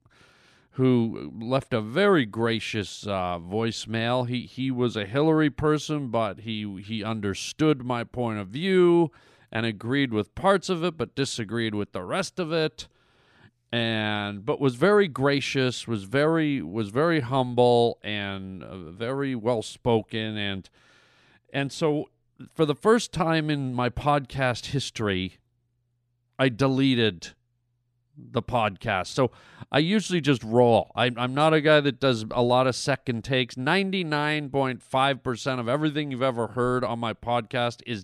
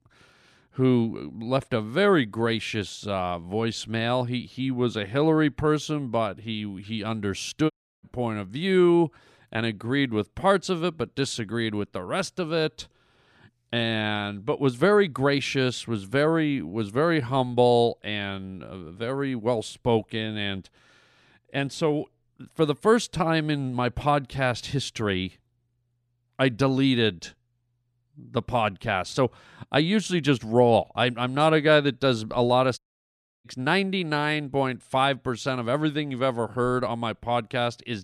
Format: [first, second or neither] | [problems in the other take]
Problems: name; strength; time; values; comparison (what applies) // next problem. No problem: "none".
first | audio cutting out; at 7.5 s and at 33 s for 0.5 s